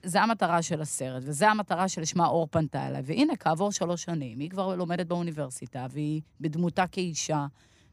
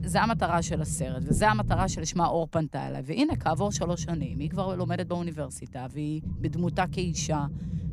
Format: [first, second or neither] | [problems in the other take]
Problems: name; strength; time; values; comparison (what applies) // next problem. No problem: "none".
first | low rumble; noticeable; throughout; 15 dB below the speech